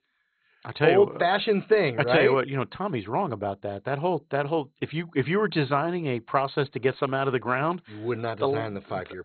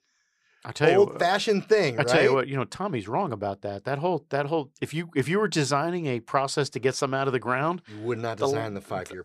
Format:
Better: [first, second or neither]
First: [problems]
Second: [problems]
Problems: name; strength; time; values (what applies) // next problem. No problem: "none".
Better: second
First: garbled, watery; badly; nothing above 4 kHz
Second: none